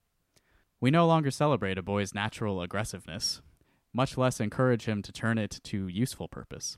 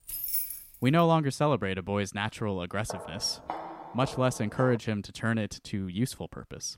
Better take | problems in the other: first | jangling keys; loud; at the start; peak 1 dB above the speech // footsteps; noticeable; from 3 to 5 s; peak 9 dB below the speech

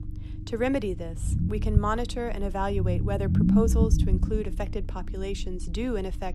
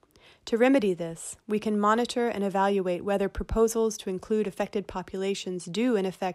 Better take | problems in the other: second | low rumble; loud; throughout; 4 dB below the speech

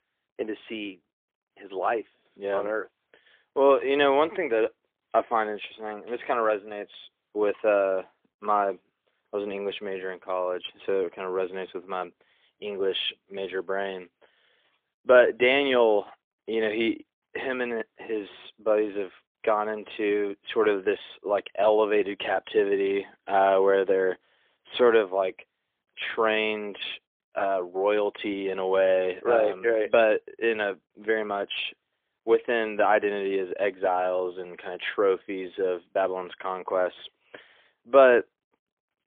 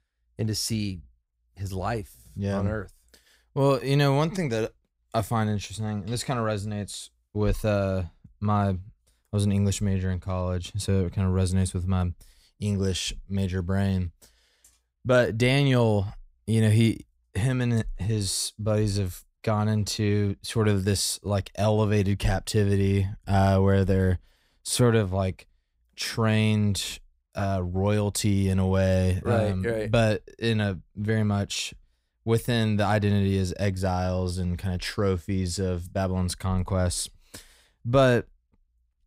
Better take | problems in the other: second | phone-call audio; poor line; nothing above 3.5 kHz

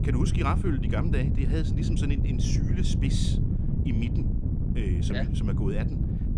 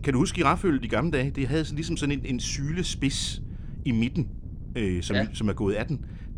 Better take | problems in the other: second | wind noise on the microphone; heavy; 3 dB below the speech; occasional gusts in the second

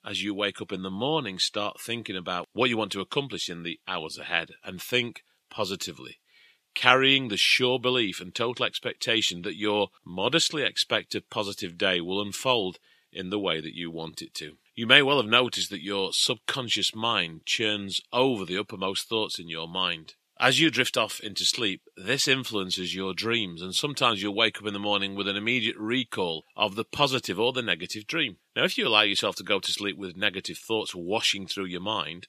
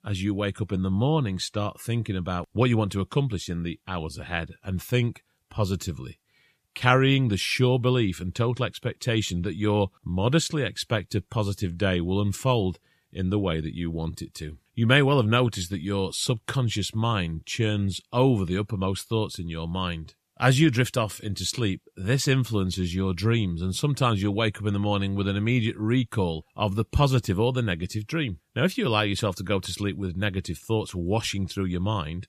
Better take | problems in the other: second | thin; somewhat; fading below 300 Hz

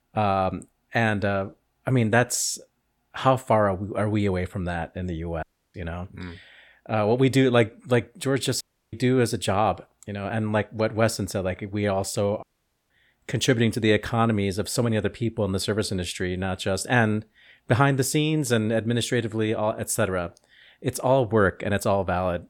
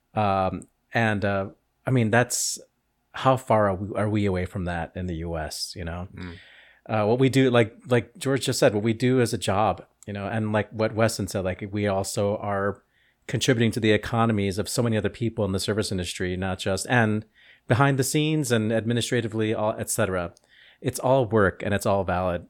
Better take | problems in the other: second | audio cutting out; at 5.5 s, at 8.5 s and at 12 s

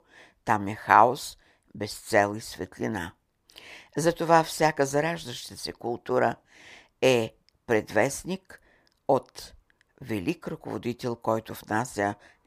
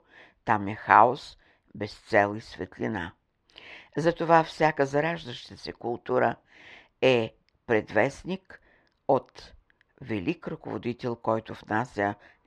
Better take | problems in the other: first | muffled; slightly; fading above 3 kHz

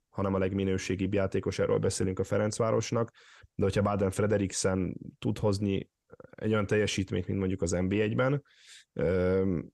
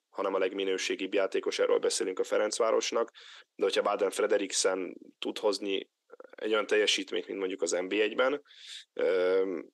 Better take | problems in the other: first | thin; somewhat; fading below 300 Hz

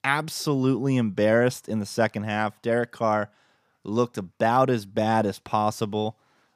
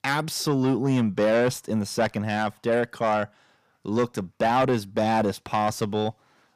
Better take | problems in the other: first | distortion; slight; 10 dB below the speech

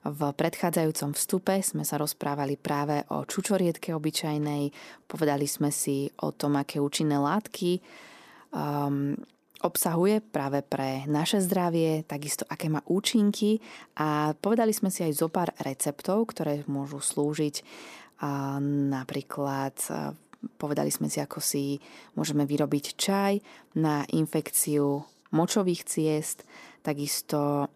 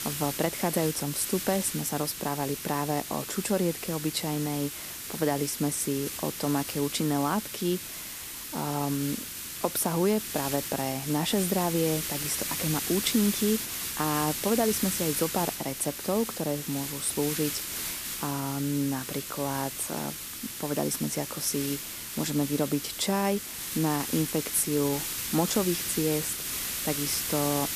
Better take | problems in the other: first | hiss; loud; throughout; 3 dB below the speech

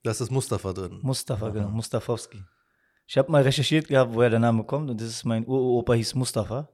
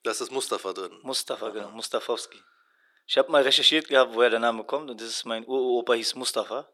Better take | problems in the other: first | thin; very; fading below 300 Hz

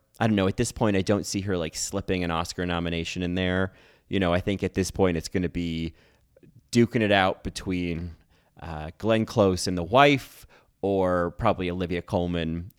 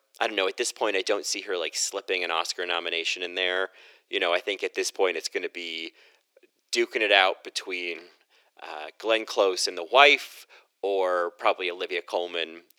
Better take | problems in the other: first | thin; very; fading below 350 Hz

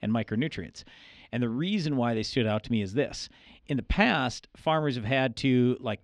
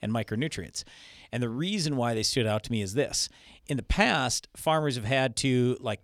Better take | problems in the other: second | muffled; slightly; fading above 3 kHz

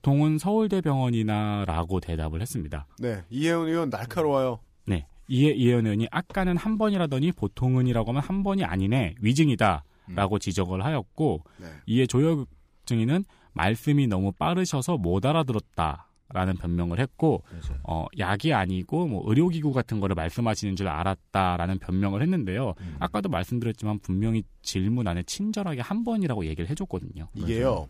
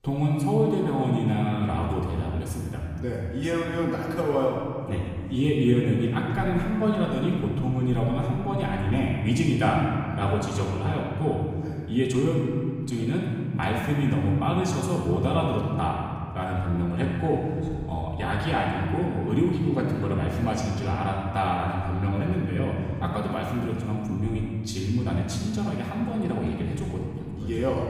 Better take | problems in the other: first | off-mic speech; far // room echo; noticeable; dies away in 2.3 s

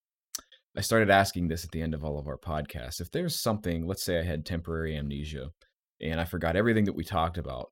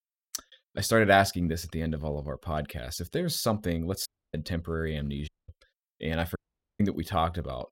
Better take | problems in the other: first | audio cutting out; at 4 s, at 5.5 s and at 6.5 s

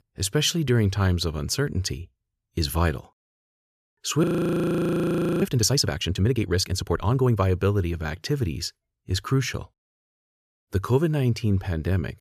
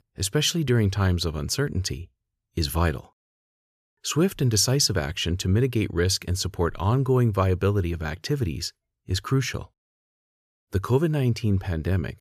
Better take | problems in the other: second | audio freezing; at 4 s for 1 s

